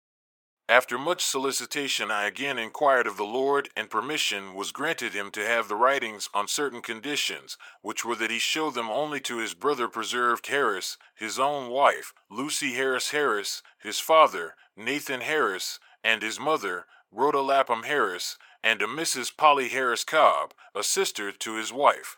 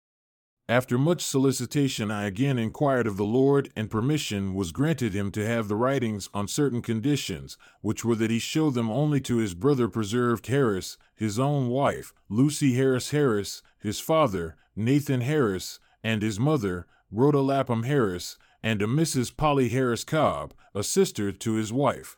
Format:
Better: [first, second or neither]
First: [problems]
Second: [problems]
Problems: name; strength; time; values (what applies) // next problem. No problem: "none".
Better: second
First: thin; very; fading below 650 Hz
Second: none